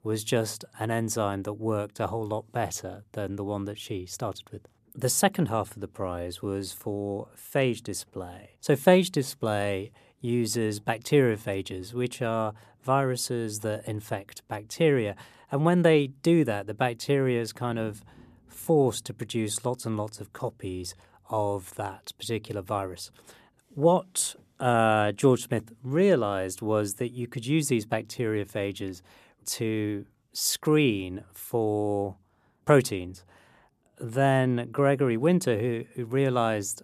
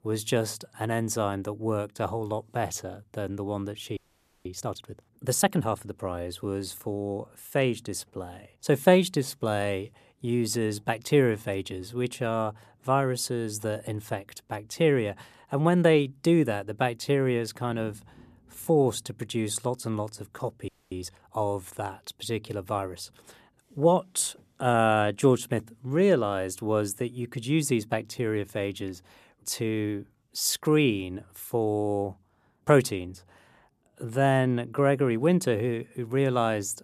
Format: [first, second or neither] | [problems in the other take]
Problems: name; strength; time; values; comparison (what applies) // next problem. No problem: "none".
first | audio freezing; at 4 s and at 21 s